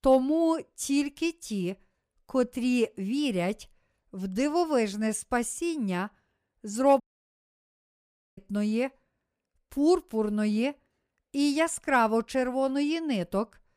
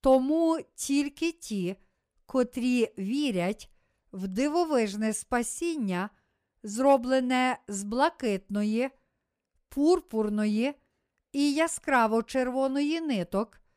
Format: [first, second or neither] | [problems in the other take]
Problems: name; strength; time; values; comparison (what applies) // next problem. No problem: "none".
second | audio cutting out; at 7 s for 1.5 s